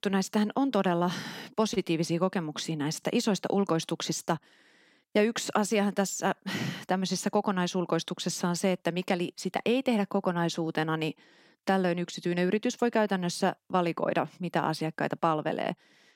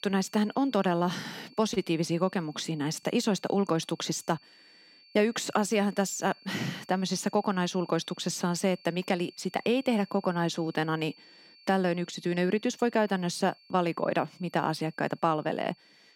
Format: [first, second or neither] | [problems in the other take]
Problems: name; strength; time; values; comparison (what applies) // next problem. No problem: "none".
first | high-pitched whine; faint; throughout; 4.5 kHz, 25 dB below the speech